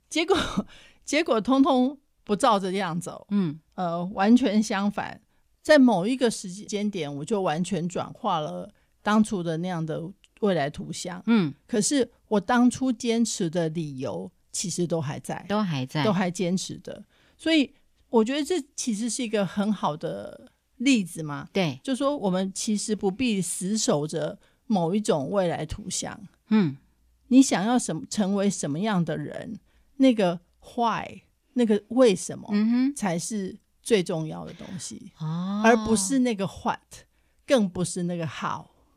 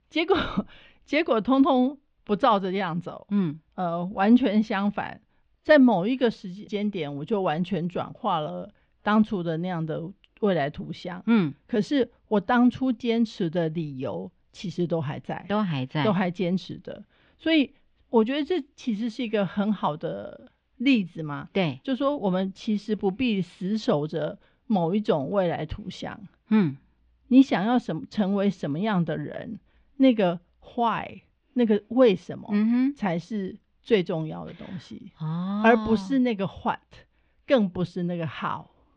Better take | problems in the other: first | muffled; slightly; fading above 3.5 kHz

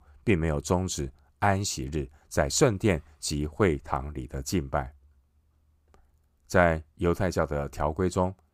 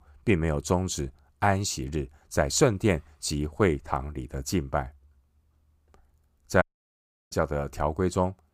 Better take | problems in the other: first | audio cutting out; at 6.5 s for 0.5 s

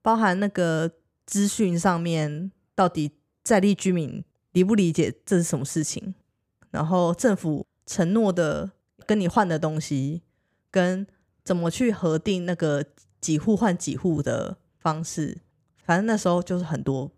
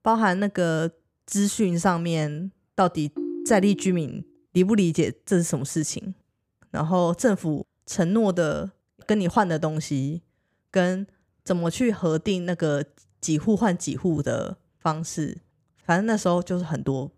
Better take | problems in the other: first | phone ringing; noticeable; at 3 s; peak 7 dB below the speech

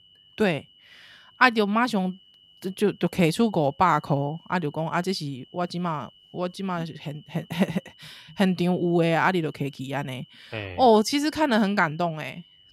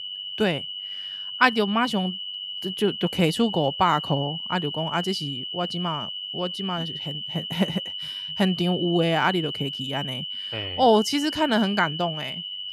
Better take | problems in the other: first | high-pitched whine; loud; throughout; 3 kHz, 6 dB below the speech; faint in the first

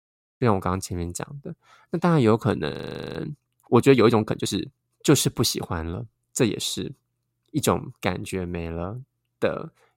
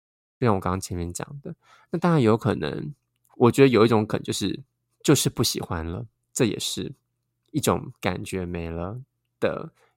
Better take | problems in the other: second | audio freezing; at 2.5 s

